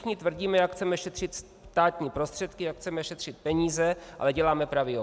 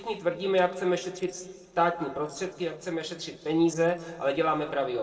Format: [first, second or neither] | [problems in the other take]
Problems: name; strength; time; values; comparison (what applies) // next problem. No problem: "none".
first | noise reduction (neural separator model SepFormer DNS4)